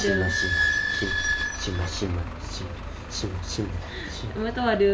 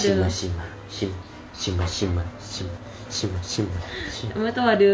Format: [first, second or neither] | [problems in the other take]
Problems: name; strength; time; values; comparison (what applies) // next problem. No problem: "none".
second | background sound (Squeak / Idling); 1 dB below the speech